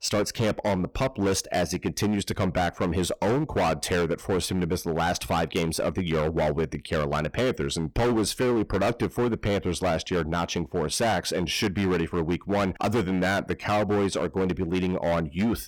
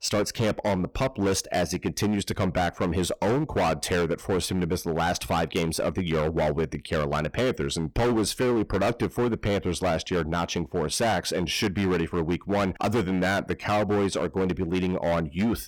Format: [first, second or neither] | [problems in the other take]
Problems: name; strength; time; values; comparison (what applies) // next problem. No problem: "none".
neither | distortion; heavy; 18% of the sound clipped; the same in both